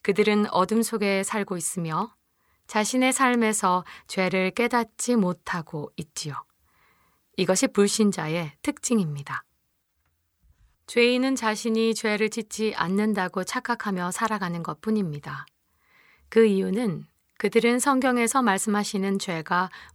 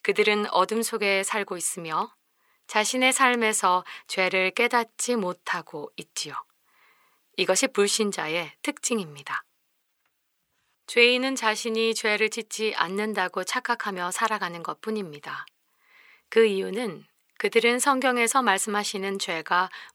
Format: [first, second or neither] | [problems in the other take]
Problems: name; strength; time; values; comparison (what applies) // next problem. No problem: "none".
first | thin; somewhat; fading below 350 Hz